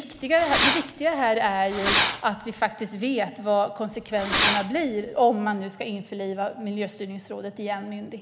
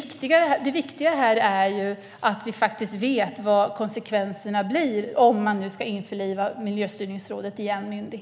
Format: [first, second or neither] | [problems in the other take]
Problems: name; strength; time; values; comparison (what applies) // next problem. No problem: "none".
second | background sound (Fireworks); 1 dB below the speech